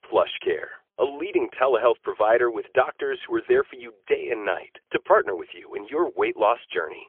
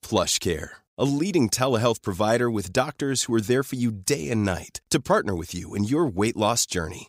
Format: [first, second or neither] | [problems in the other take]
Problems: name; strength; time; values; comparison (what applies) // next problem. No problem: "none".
second | phone-call audio; poor line; nothing above 3.5 kHz